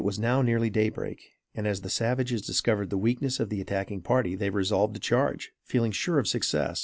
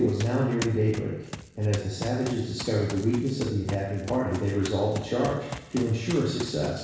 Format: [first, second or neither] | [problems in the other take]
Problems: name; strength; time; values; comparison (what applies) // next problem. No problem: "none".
first | background sound (Run); 14 dB below the speech // room echo; dies away in 1.1 s